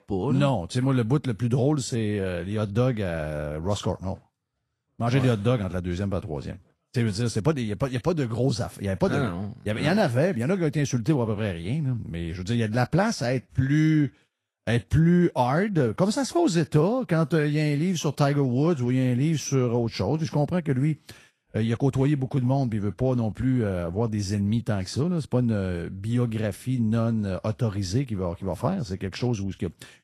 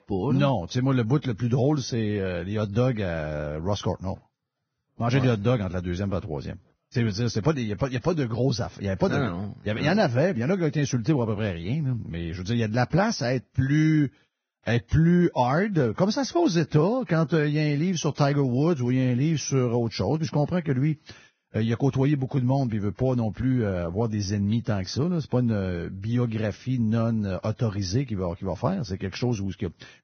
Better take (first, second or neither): first